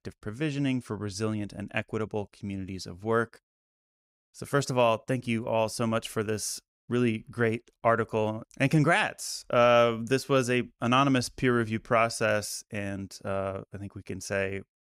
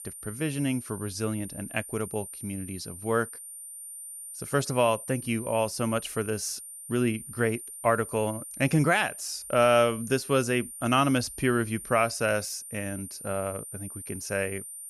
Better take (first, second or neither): first